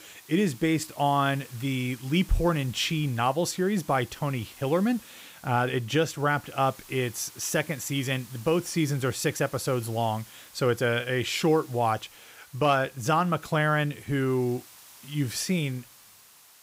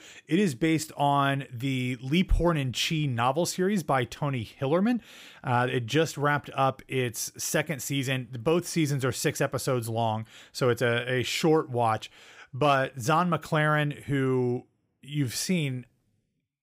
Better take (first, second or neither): second